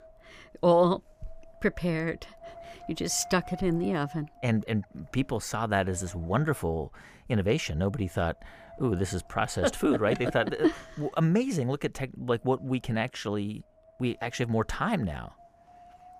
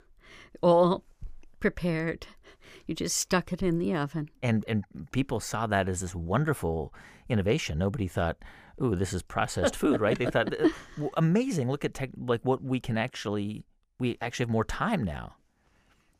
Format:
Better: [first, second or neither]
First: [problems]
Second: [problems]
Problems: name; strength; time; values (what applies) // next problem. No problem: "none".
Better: second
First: wind noise on the microphone; occasional gusts; 20 dB below the speech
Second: none